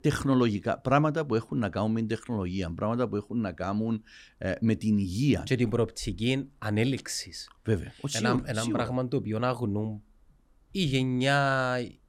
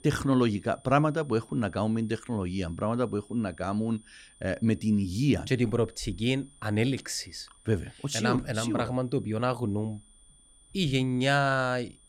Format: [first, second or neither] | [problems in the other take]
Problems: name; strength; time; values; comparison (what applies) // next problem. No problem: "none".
first | high-pitched whine; faint; throughout; 9 kHz, 30 dB below the speech